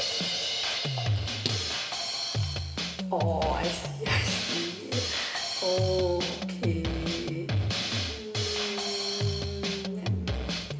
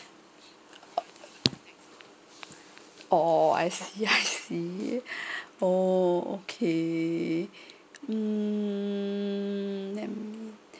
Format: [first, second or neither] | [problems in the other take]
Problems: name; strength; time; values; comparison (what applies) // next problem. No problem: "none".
second | background sound (Drum kit); 4 dB above the speech // room echo; dies away in 2.9 s